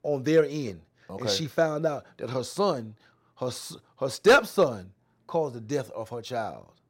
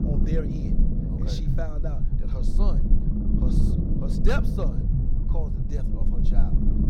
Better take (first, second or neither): first